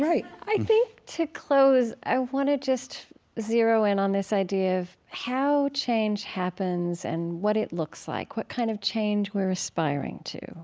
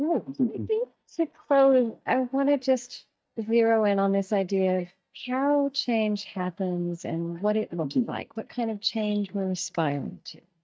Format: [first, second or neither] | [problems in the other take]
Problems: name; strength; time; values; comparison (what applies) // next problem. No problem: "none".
first | noise reduction (neural mask model DeepFilterNet 3)